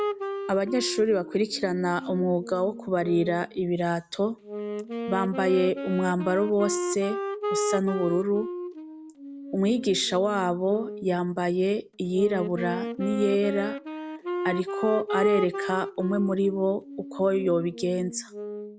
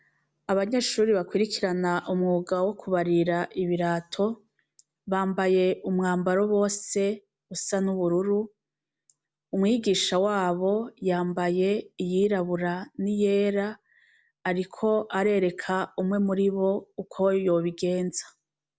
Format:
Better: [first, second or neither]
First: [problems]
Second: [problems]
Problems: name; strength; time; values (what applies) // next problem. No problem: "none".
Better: second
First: background sound (Wind instrument, woodwind instrument); 7 dB below the speech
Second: none